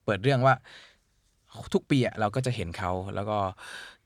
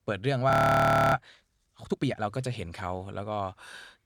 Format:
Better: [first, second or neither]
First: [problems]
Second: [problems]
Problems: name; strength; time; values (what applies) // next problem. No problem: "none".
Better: first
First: none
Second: audio freezing; at 0.5 s for 0.5 s